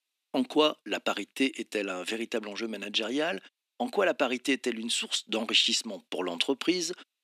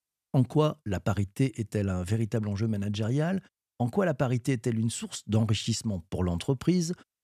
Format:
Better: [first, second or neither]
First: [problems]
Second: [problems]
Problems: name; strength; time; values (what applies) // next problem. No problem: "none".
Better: second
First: thin; somewhat; fading below 250 Hz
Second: none